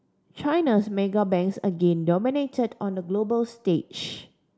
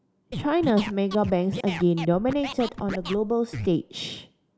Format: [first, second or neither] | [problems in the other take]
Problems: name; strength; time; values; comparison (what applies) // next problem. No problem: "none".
first | background sound (Scratching (performance technique)); 10 dB below the speech